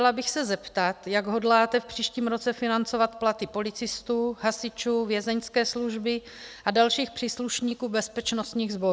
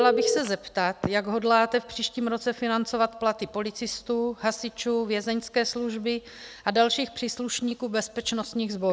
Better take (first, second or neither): first